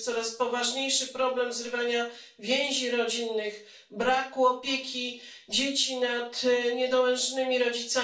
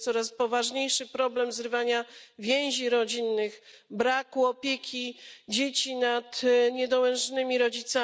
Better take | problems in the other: second | room echo; dies away in 0.3 s

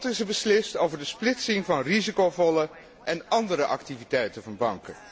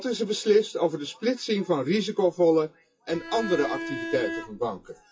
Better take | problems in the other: first | noise reduction (classical method WPE with log-MMSE)

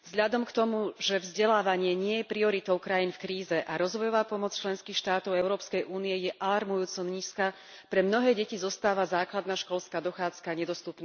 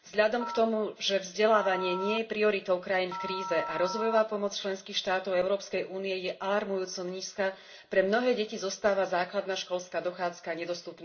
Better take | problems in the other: first | background sound (Telephone); 9 dB below the speech // room echo; dies away in 0.2 s

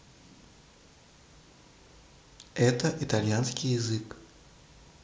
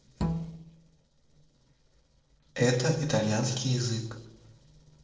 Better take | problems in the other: first | noise reduction (neural separator model SepFormer DNS4)

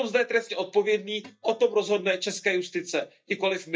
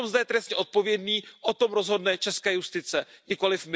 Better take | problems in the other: second | noise reduction (neural mask model DeepFilterNet 3)

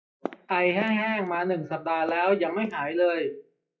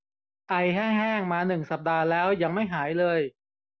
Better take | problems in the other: second | noise reduction (classical method WPE with log-MMSE)

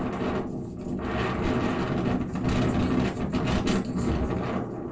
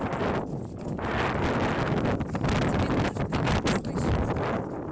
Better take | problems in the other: second | room echo; dies away in 0.2 s

